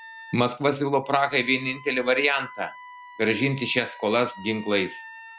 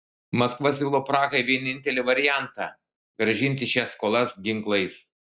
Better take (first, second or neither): second